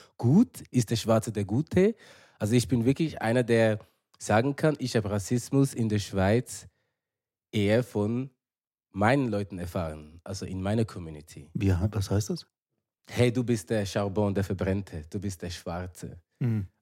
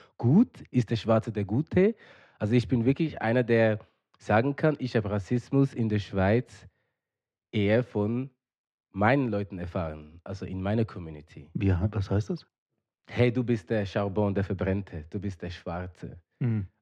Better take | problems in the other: first | muffled; slightly; fading above 2.5 kHz

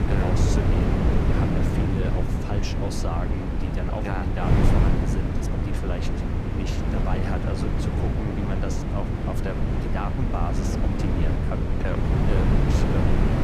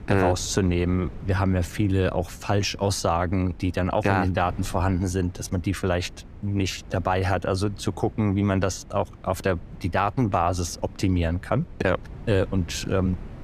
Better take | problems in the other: second | wind noise on the microphone; heavy; 3 dB above the speech; occasional gusts in the second

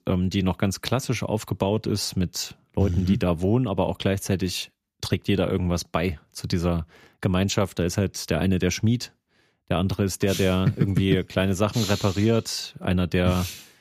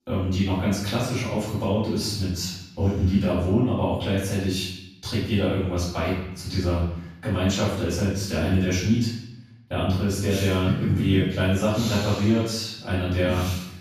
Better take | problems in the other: first | room echo; noticeable; dies away in 0.7 s // off-mic speech; far

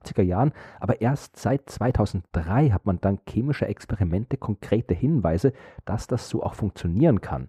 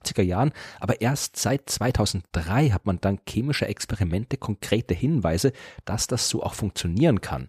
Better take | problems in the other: second | muffled; very; fading above 2 kHz

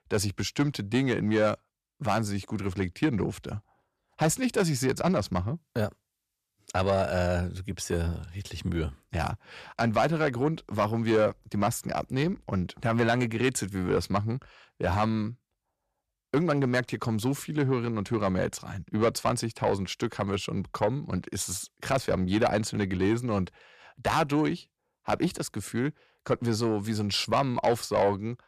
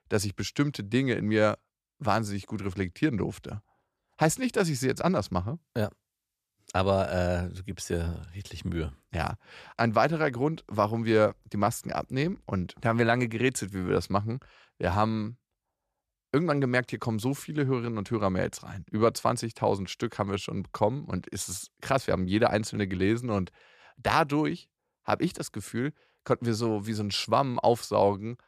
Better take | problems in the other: second | distortion; slight; 10 dB below the speech

